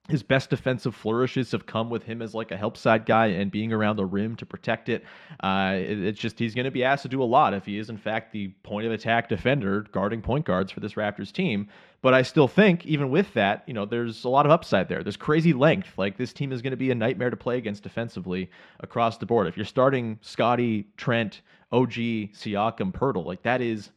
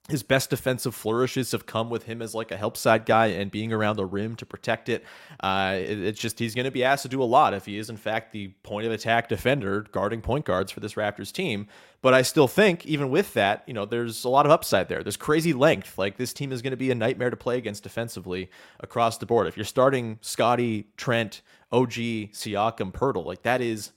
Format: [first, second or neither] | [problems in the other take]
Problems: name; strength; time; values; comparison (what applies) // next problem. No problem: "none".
second | muffled; very slightly; fading above 3 kHz